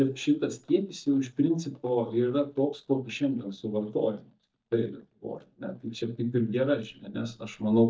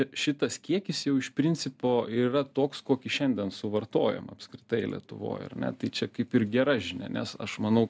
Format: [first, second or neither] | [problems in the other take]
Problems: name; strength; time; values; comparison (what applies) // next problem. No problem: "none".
second | noise reduction (neural mask model DeepFilterNet 3)